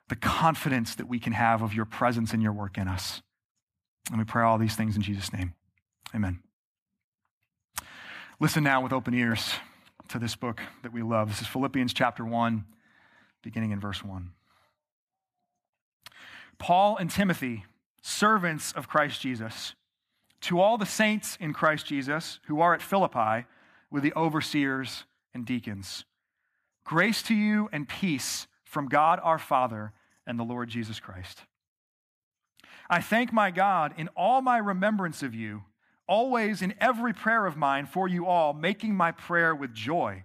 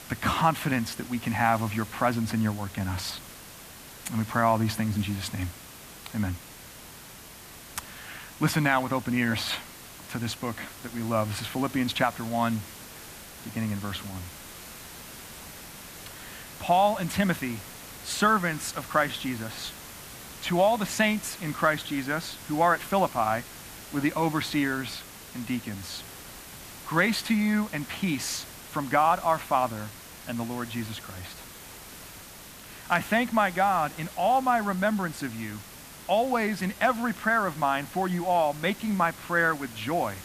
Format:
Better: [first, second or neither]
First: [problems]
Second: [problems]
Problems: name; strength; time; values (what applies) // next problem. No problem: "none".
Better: first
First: none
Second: hiss; noticeable; throughout; 15 dB below the speech